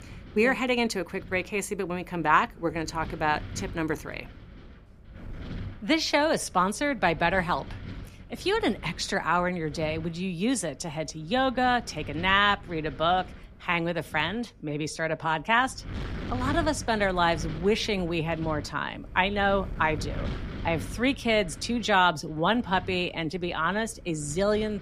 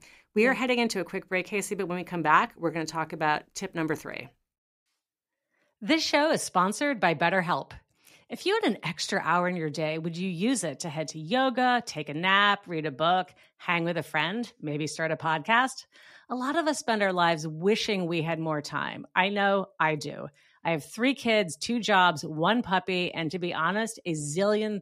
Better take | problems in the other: second | wind noise on the microphone; occasional gusts; 20 dB below the speech

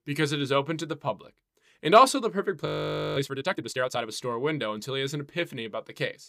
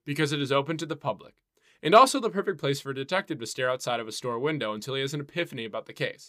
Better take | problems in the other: second | audio freezing; at 2.5 s for 0.5 s

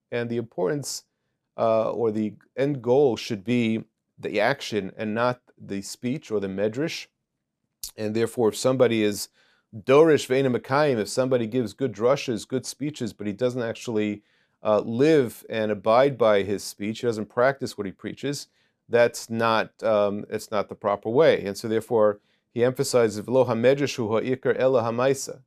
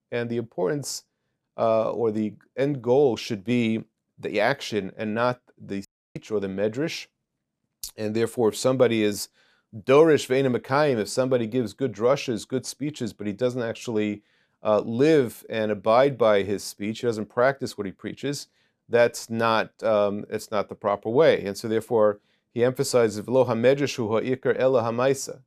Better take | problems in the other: first | audio cutting out; at 6 s

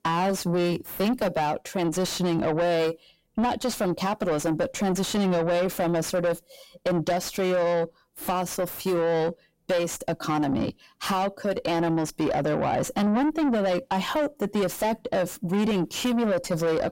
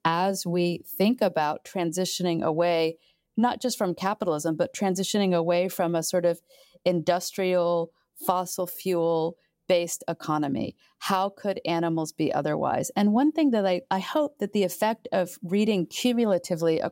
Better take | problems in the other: second | distortion; heavy; 7 dB below the speech

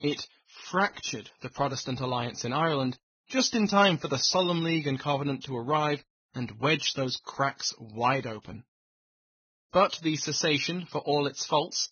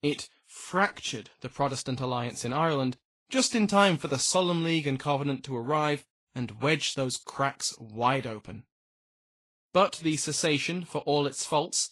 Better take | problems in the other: second | garbled, watery; badly; nothing above 6.5 kHz; slightly in the second

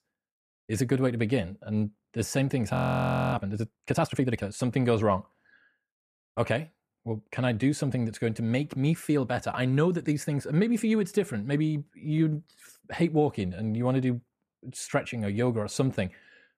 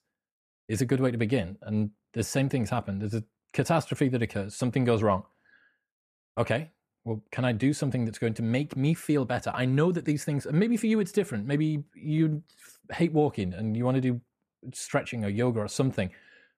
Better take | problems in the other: second | audio freezing; at 2.5 s for 0.5 s

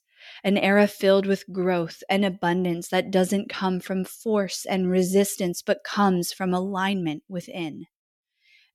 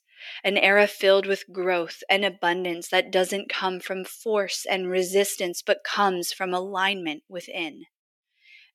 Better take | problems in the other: first | thin; somewhat; fading below 400 Hz

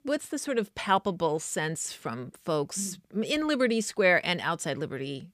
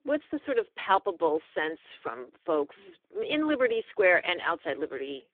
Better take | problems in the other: first | phone-call audio; poor line; nothing above 3.5 kHz

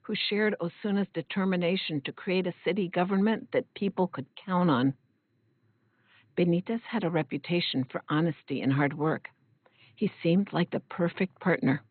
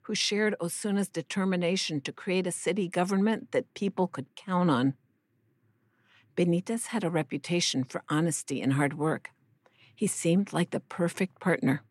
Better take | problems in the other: second | garbled, watery; badly; nothing above 4 kHz

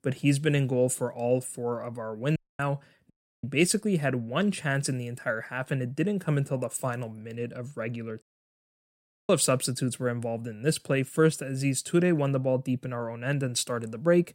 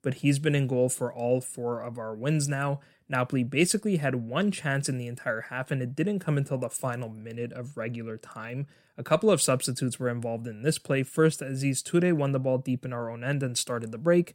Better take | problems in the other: second | audio cutting out; at 2.5 s, at 3 s and at 8 s for 1 s

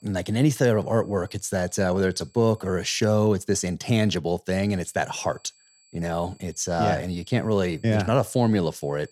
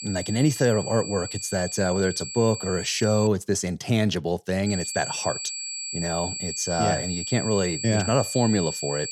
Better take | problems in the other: first | high-pitched whine; loud; until 3.5 s and from 4.5 s on; 7.5 kHz, 6 dB below the speech; faint in the first

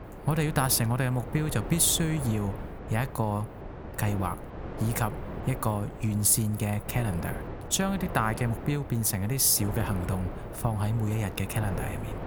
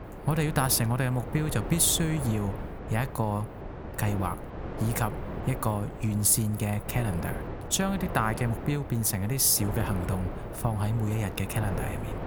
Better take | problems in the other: first | wind noise on the microphone; heavy; 9 dB below the speech; occasional gusts in the first

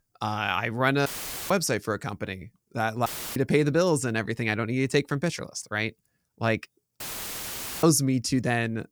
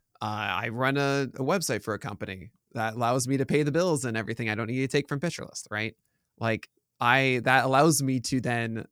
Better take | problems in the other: second | audio cutting out; filled with static; at 1 s, at 3 s and at 7 s for 1 s

